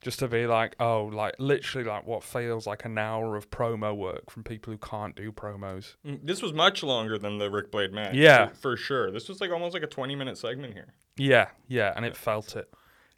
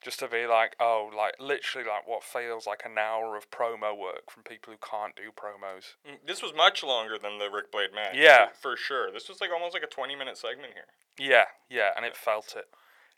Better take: first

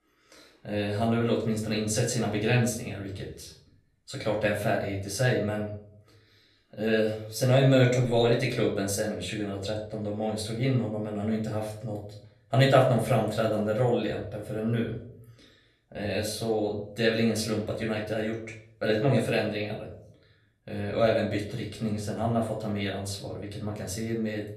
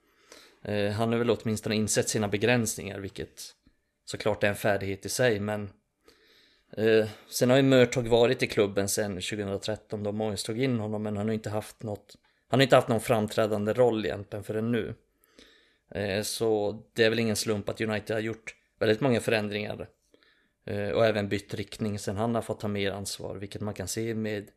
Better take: second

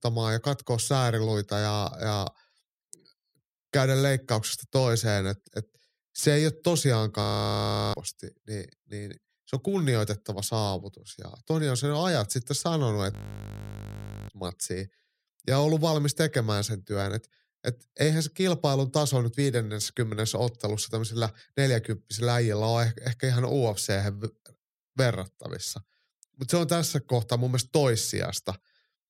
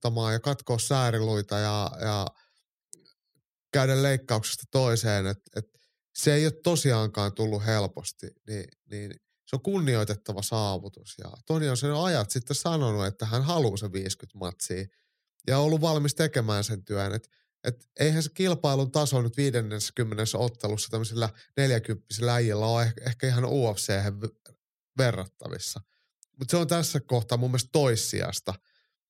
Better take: second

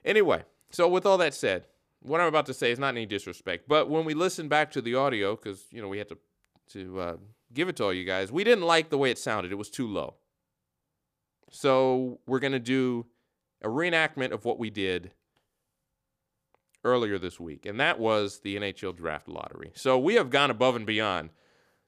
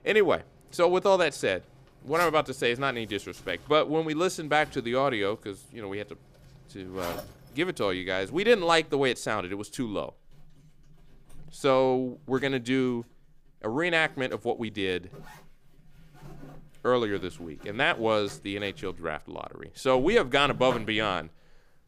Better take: first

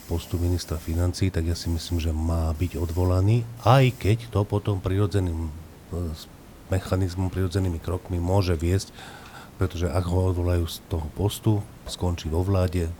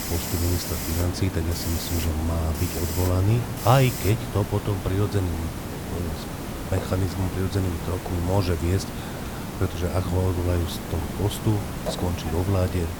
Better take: first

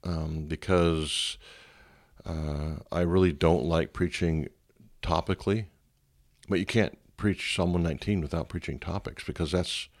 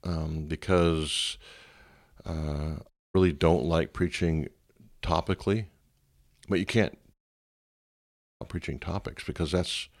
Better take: first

